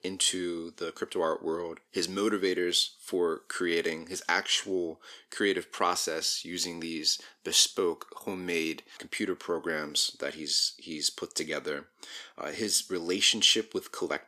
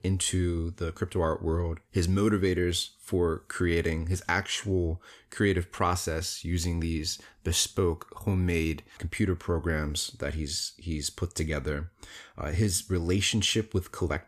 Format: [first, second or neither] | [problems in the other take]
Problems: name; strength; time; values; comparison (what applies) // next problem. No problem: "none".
second | thin; somewhat; fading below 300 Hz